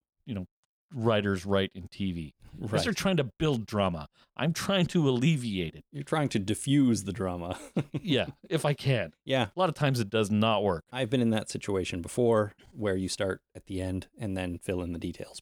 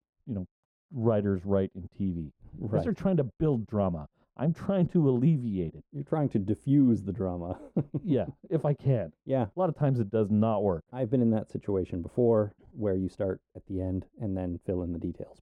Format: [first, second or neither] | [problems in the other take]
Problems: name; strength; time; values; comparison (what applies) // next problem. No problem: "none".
first | muffled; very; fading above 1.5 kHz